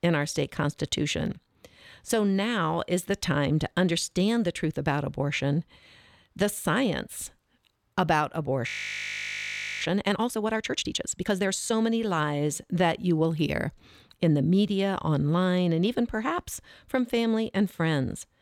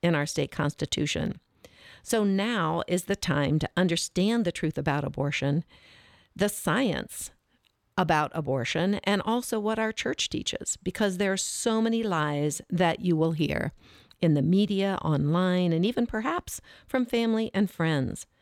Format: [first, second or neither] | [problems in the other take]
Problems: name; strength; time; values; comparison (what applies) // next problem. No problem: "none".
second | audio freezing; at 8.5 s for 1 s